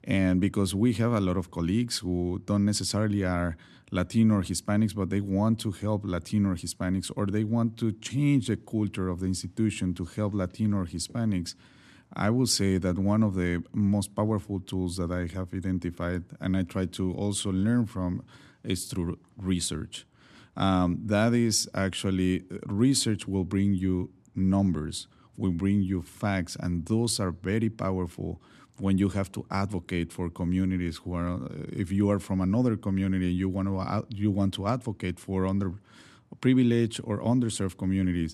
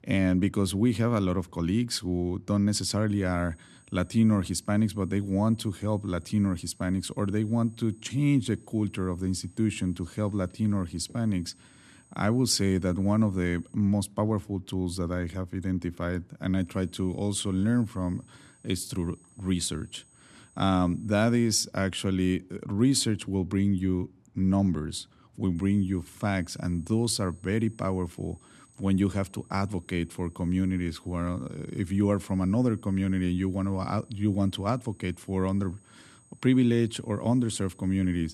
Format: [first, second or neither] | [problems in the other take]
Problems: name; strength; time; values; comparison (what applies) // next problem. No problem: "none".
first | high-pitched whine; faint; from 3 to 14 s, from 17 to 22 s and from 26 s on; 8 kHz, 30 dB below the speech